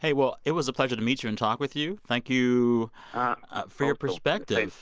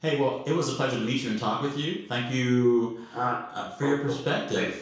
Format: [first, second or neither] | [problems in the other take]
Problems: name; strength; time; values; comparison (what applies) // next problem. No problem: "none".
first | room echo; dies away in 0.6 s